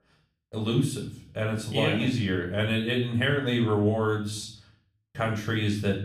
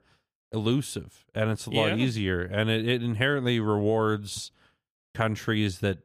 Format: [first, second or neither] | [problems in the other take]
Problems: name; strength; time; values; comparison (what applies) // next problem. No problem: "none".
second | room echo; slight; dies away in 0.5 s // off-mic speech; somewhat distant